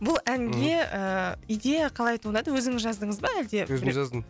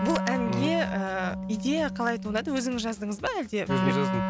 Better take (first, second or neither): first